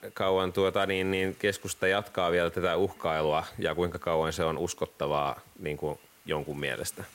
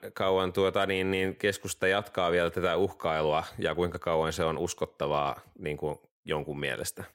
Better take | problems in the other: second | hiss; faint; throughout; 25 dB below the speech

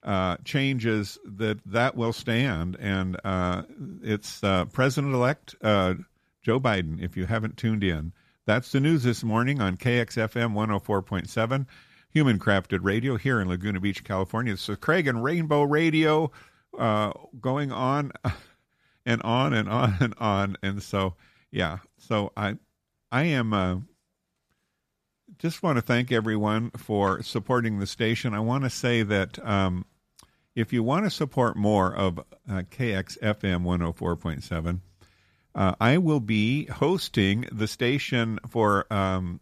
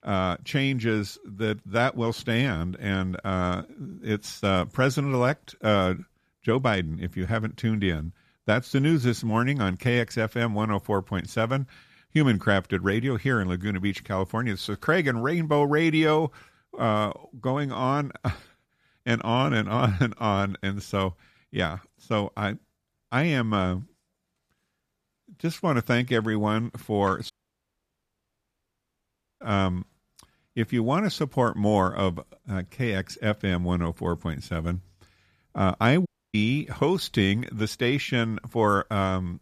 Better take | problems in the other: first | audio cutting out; at 27 s for 2 s and at 36 s

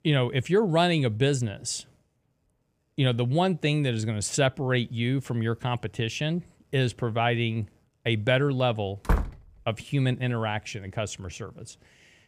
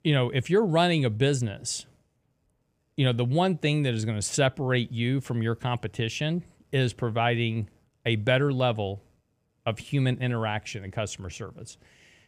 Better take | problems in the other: second | door banging; noticeable; at 9 s; peak 2 dB below the speech

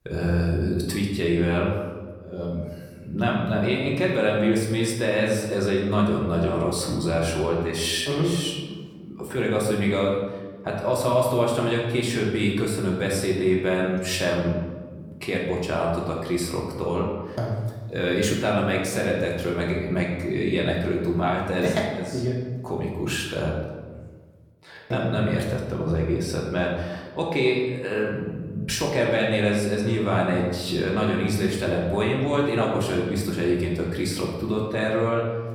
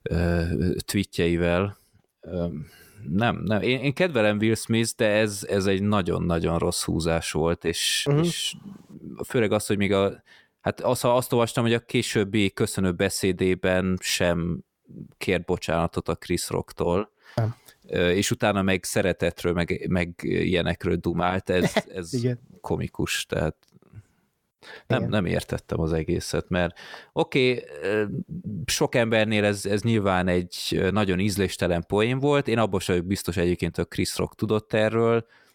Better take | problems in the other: second | room echo; noticeable; dies away in 1.2 s // off-mic speech; far

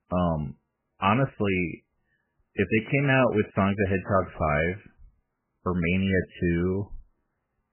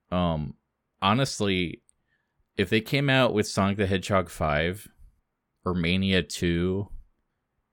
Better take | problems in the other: second | garbled, watery; badly; nothing above 3 kHz

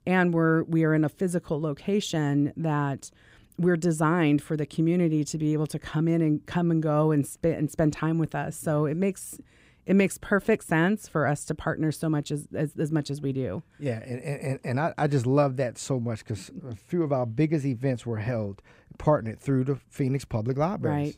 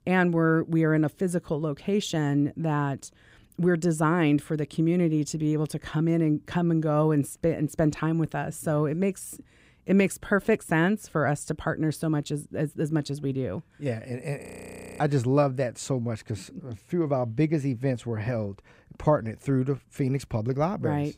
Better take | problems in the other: first | audio freezing; at 14 s for 0.5 s

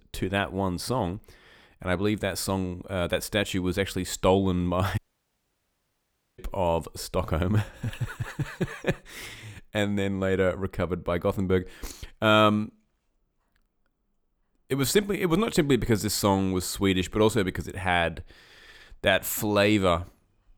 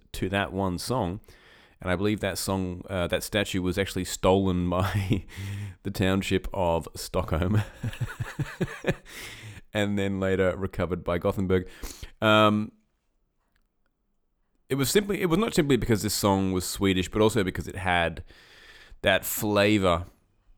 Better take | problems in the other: second | audio cutting out; at 5 s for 1.5 s

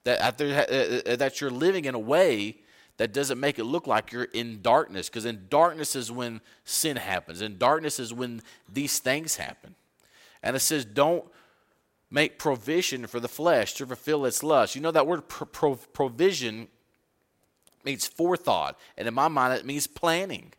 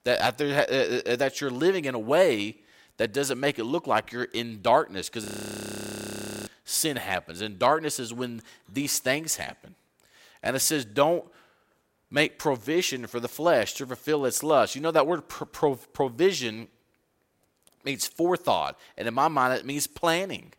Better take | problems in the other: first | audio freezing; at 5.5 s for 1 s

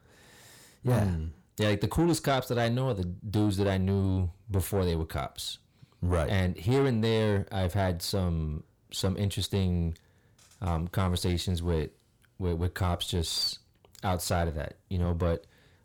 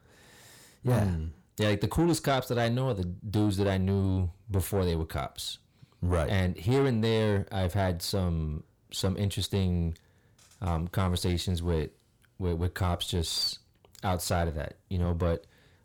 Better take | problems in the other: neither | distortion; slight; 10 dB below the speech; the same in both

